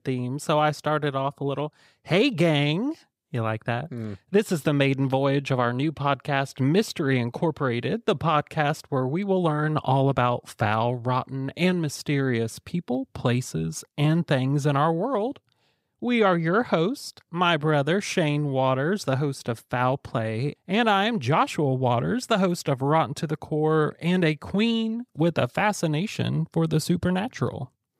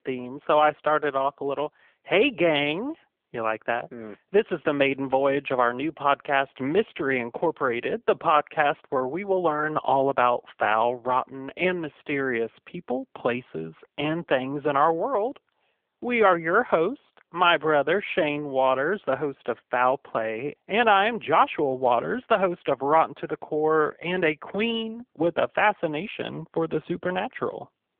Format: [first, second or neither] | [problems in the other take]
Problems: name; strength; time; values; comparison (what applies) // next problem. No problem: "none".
first | phone-call audio; nothing above 3.5 kHz